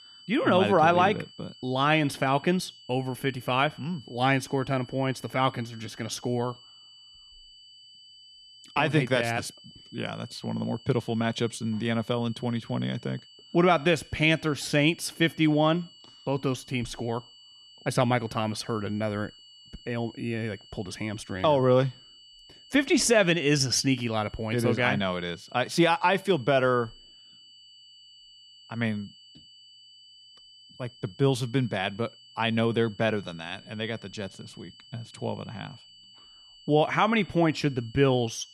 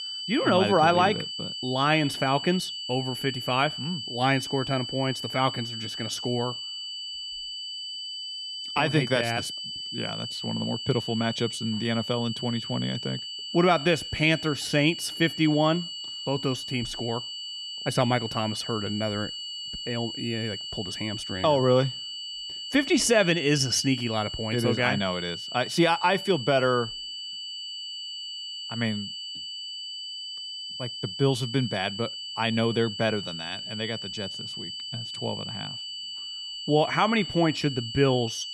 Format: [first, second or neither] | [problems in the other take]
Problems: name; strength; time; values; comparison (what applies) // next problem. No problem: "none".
first | high-pitched whine; loud; throughout; 3 kHz, 7 dB below the speech; faint in the first